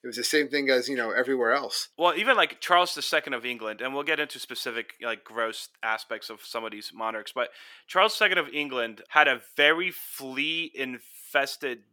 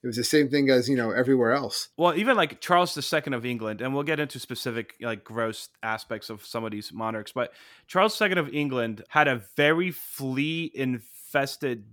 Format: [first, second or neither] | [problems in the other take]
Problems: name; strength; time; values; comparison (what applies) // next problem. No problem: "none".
second | thin; somewhat; fading below 400 Hz